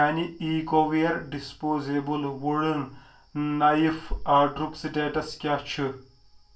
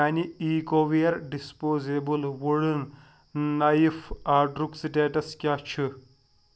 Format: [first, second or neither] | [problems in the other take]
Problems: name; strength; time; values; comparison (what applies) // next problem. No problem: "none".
second | room echo; dies away in 0.3 s